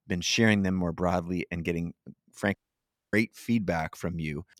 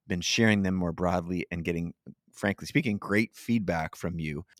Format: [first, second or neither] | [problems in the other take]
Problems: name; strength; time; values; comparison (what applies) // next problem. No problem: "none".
second | audio cutting out; at 2.5 s for 0.5 s